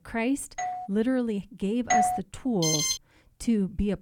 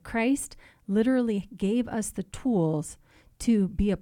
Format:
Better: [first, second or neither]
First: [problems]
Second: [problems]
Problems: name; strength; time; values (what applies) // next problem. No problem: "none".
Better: second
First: doorbell; noticeable; at 0.5 s; peak 5 dB below the speech // doorbell; loud; at 2 s; peak 5 dB above the speech // alarm; loud; at 2.5 s; peak 4 dB above the speech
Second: none